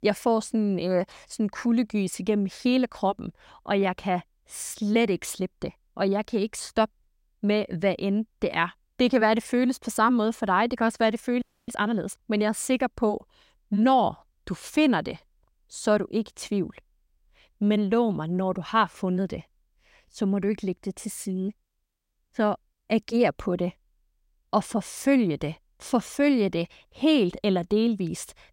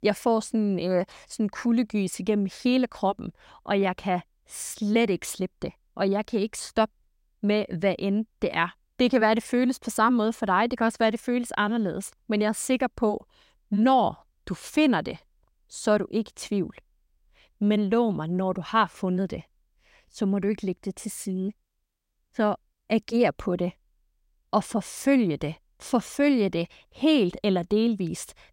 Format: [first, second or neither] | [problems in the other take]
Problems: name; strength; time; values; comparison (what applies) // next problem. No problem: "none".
second | audio freezing; at 11 s